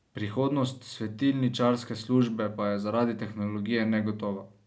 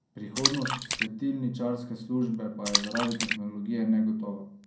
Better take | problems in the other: first | background sound (Splash, splatter); 3 dB below the speech // room echo; dies away in 0.5 s

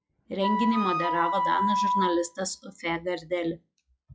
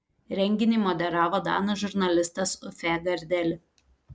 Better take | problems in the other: second | noise reduction (classical method log-MMSE)

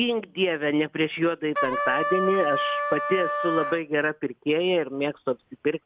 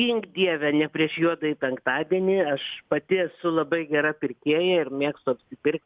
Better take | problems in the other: second | background sound (Trumpet); 2 dB below the speech

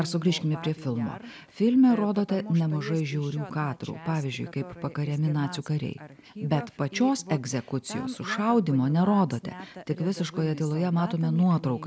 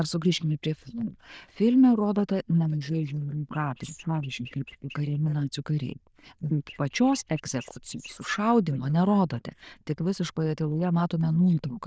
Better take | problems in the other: first | noise reduction (neural diffusion model UNIVERSE++)

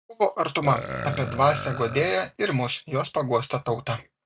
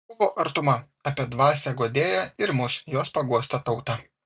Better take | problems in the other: second | background sound (Burping, eructation); 10 dB below the speech

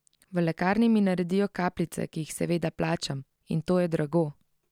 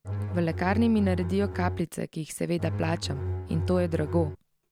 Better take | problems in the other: first | background sound (Bowed string instrument); 4 dB below the speech

